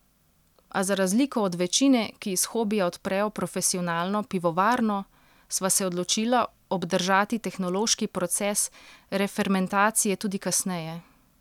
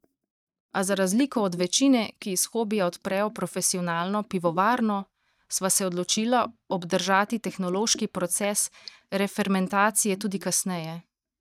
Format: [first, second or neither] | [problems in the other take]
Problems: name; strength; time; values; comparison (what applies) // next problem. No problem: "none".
first | noise reduction (neural mask model DeepFilterNet 3)